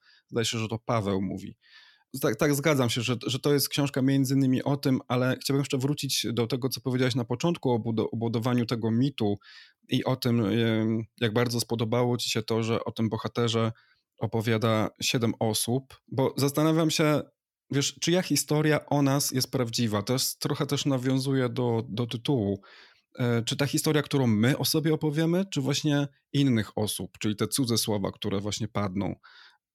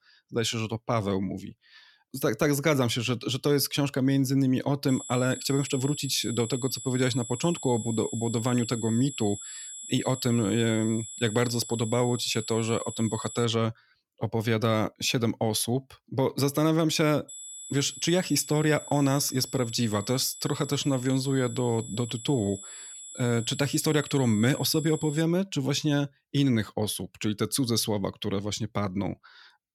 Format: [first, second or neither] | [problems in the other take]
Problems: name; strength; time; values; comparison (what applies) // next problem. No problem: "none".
first | high-pitched whine; noticeable; from 5 to 13 s and from 17 to 25 s; 7.5 kHz, 10 dB below the speech